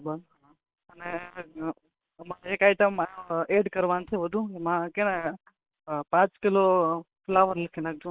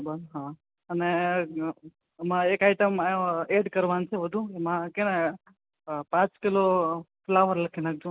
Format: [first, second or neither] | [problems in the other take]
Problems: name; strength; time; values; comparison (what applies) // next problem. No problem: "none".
second | noise reduction (neural separator model SepFormer WHAM!)